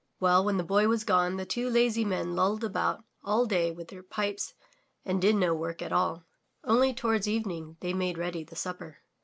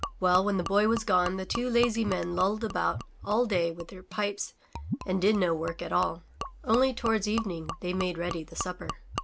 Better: first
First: none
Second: background sound (Gurgling / Liquid); 11 dB below the speech

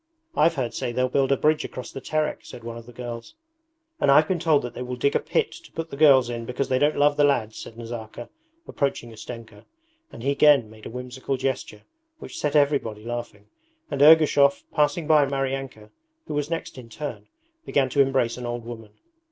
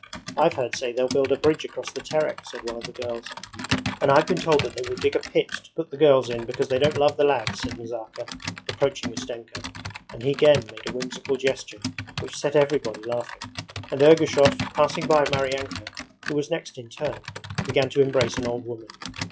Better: first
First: none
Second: noise reduction (classical method log-MMSE)

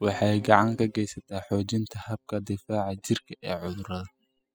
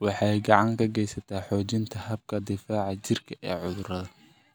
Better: second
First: noise reduction (classical method spectral subtraction)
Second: none

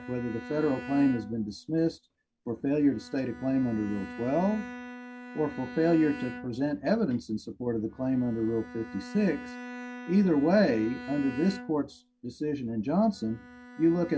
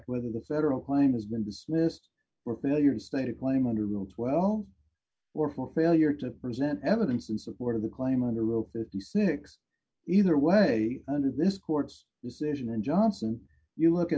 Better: second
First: background sound (Bowed string instrument); 15 dB below the speech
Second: none

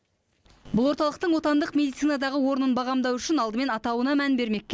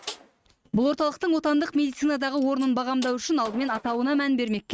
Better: first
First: none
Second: noise reduction (neural mask model RNNoise)

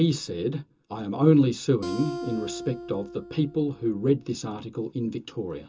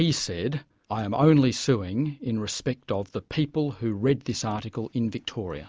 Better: second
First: background sound (Acoustic guitar); 12 dB below the speech // room echo; dies away in 0.2 s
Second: none

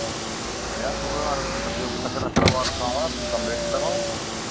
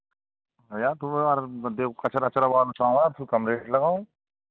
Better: second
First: background sound (Car); 5 dB above the speech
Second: none

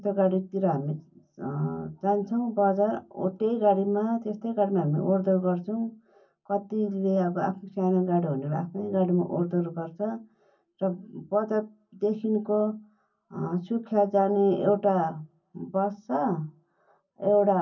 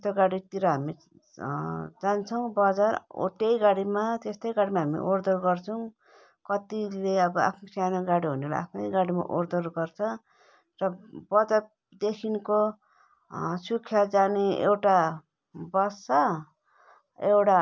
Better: second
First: room echo; dies away in 0.3 s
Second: none

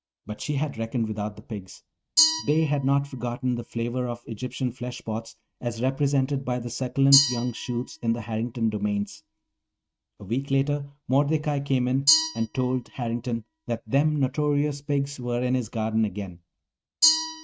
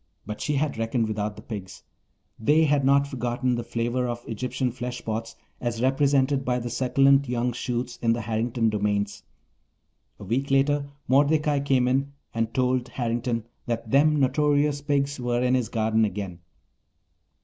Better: second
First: noise reduction (neural mask model RNNoise)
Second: none

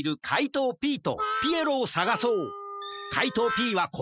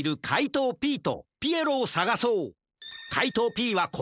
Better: second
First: noise reduction (classical method Wiener filter)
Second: none

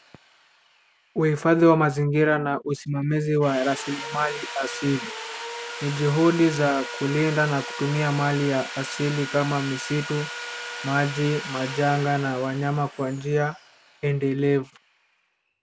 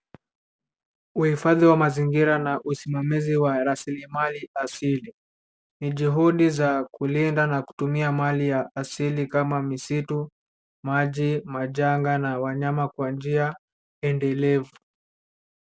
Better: second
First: background sound (Sawing); 12 dB below the speech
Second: none

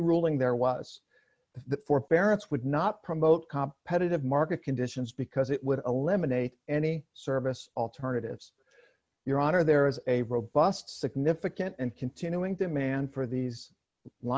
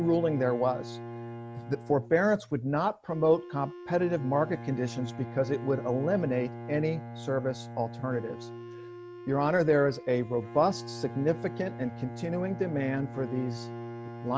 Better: first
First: none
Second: background sound (Bowed string instrument + Wind instrument, woodwind instrument); 12 dB below the speech

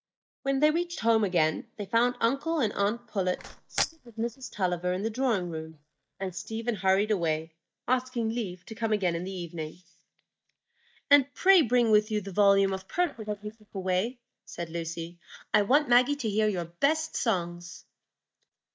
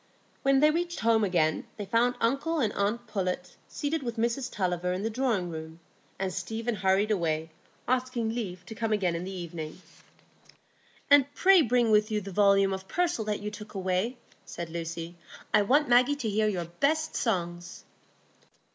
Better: second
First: noise reduction (neural mask model DeepFilterNet 3)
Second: none

